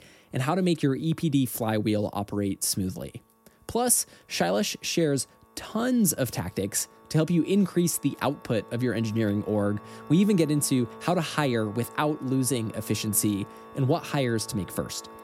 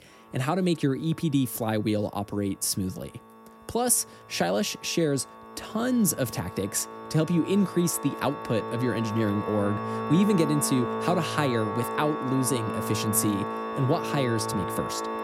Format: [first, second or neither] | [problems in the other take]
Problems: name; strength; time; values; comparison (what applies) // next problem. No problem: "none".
first | background music; loud; throughout; 6 dB below the speech; faint in the first